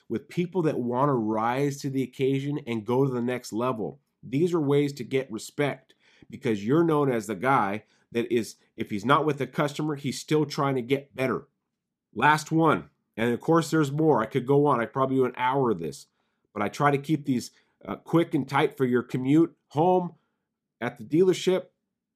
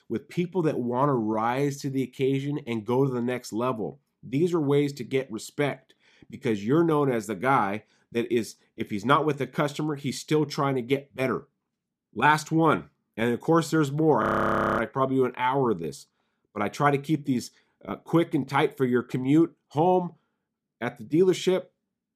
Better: first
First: none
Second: audio freezing; at 14 s for 0.5 s

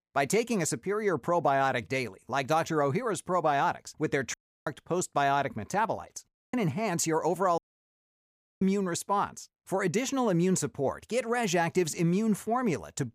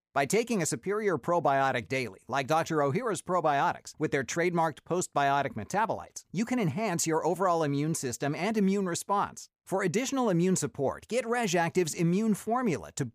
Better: second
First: audio cutting out; at 4.5 s, at 6.5 s and at 7.5 s for 1 s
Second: none

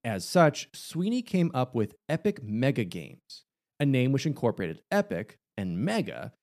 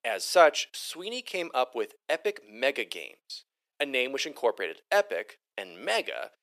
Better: first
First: none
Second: thin; very; fading below 450 Hz

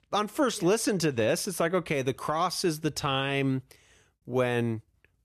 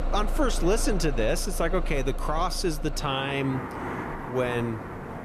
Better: first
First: none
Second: traffic noise; loud; throughout; 6 dB below the speech

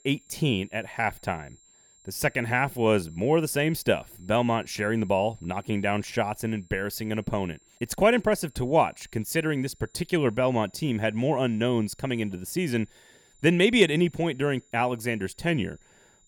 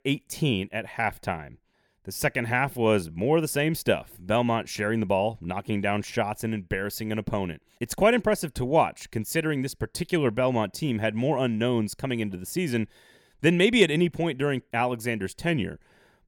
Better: second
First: high-pitched whine; faint; throughout; 7.5 kHz, 30 dB below the speech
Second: none

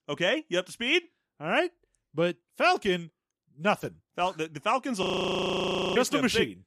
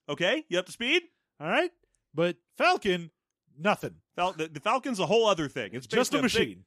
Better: second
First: audio freezing; at 5 s for 1 s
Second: none

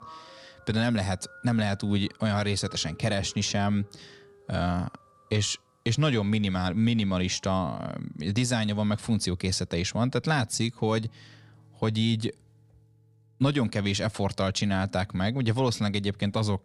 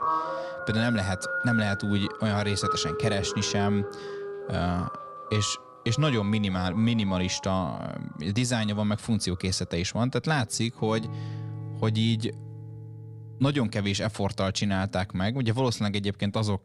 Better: first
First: background music; faint; throughout; 25 dB below the speech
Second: background music; loud; throughout; 8 dB below the speech

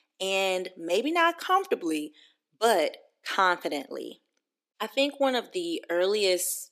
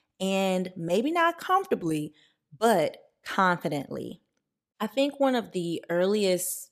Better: second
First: thin; very slightly; fading below 300 Hz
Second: none

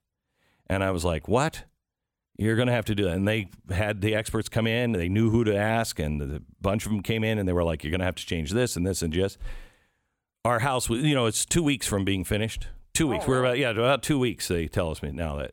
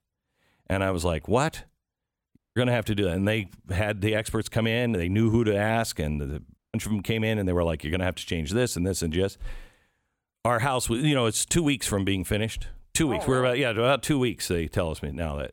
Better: first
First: none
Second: audio cutting out; at 2.5 s and at 6.5 s

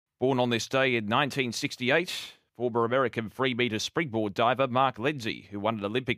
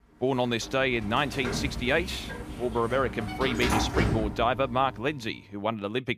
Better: first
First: none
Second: door banging; loud; from 0.5 to 5 s; peak 2 dB above the speech

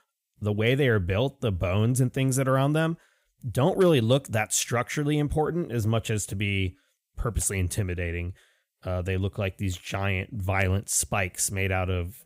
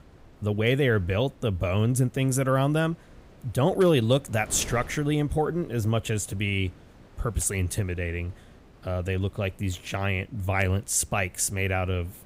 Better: first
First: none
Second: wind noise on the microphone; occasional gusts; 25 dB below the speech

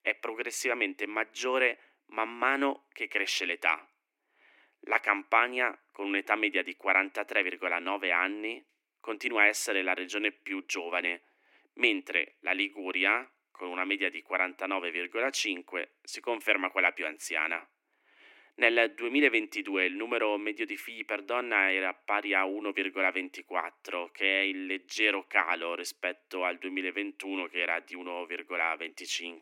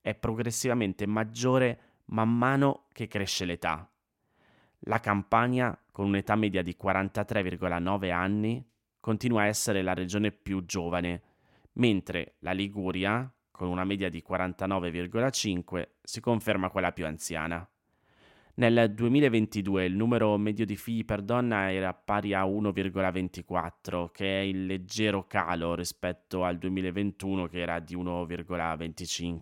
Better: second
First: thin; somewhat; fading below 300 Hz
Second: none

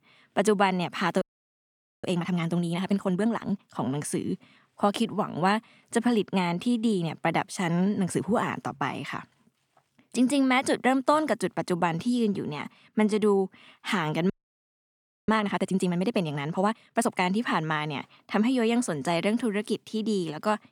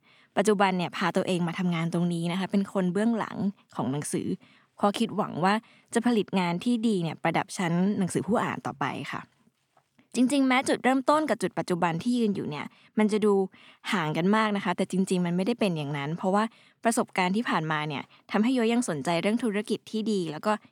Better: second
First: audio freezing; at 1 s for 1 s and at 14 s for 1 s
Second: none

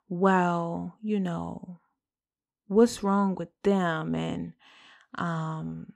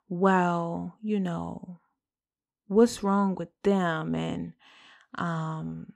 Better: neither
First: none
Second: none

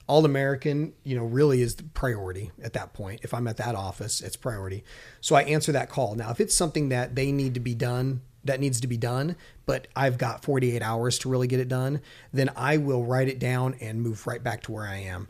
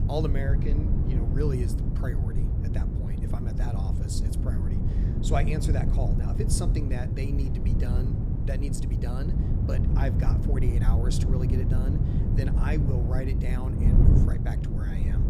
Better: first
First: none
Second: wind noise on the microphone; heavy; as loud as the speech

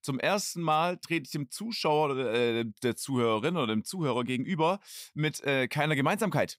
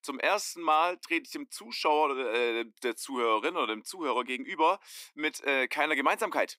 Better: first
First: none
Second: thin; somewhat; fading below 300 Hz

